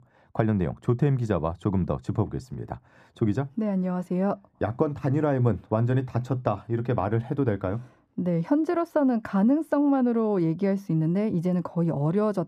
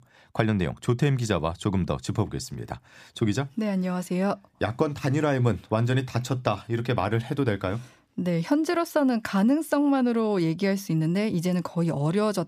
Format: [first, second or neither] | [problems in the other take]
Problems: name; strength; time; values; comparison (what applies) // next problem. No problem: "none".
second | muffled; very; fading above 2 kHz